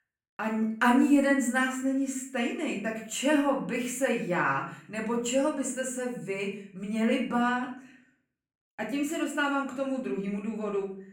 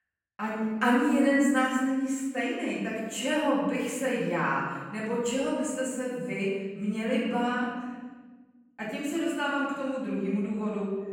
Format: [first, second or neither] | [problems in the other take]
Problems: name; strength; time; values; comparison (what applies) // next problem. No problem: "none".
first | room echo; strong; dies away in 1.5 s; slight in the first // off-mic speech; far; far in the first